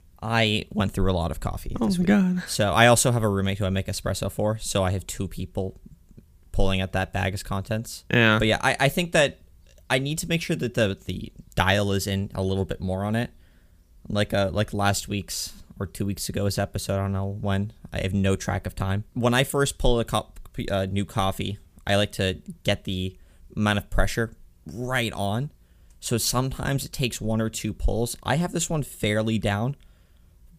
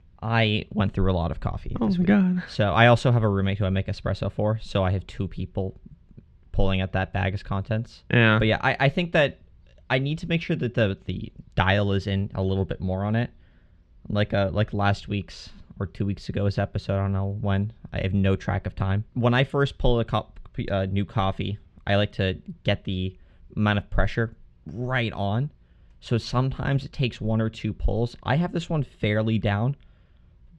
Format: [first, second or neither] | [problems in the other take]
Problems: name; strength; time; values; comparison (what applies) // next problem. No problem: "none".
first | muffled; slightly; fading above 3.5 kHz